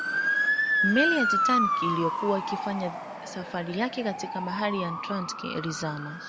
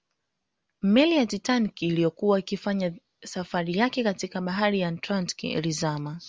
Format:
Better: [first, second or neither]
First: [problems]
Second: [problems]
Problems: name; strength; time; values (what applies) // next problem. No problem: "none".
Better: second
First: background sound (Motor vehicle (road) / Siren); 2 dB above the speech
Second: none